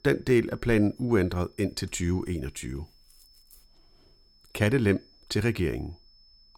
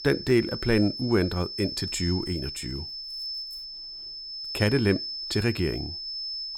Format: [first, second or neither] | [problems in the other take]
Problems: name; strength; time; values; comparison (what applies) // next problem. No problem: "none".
first | high-pitched whine; loud; throughout; 5.5 kHz, 7 dB below the speech; faint in the first